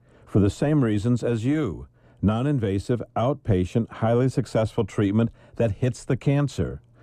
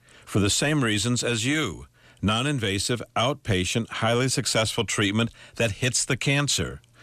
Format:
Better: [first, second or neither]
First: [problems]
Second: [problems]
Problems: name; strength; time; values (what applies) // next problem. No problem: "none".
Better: second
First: muffled; very; fading above 1.5 kHz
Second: none